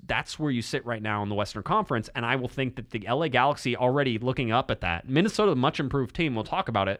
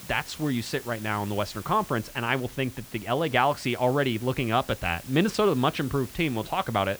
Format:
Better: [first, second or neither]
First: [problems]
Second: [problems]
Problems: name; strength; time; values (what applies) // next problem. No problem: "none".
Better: first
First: none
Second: hiss; noticeable; throughout; 15 dB below the speech